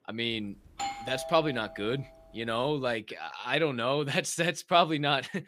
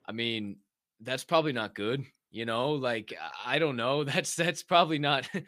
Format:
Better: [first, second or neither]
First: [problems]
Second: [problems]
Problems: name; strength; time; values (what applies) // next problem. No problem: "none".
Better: second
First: doorbell; noticeable; from 0.5 to 2 s; peak 6 dB below the speech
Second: none